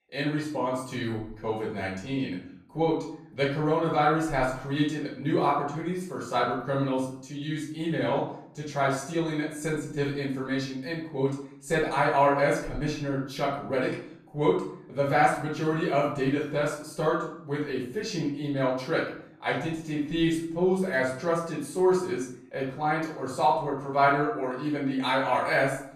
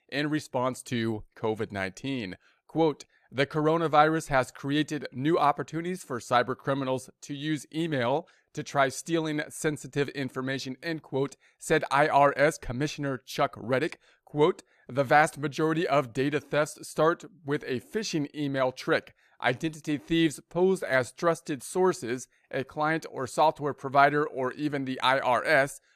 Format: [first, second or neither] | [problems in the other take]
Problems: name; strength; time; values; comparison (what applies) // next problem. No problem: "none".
second | room echo; noticeable; dies away in 0.5 s // off-mic speech; far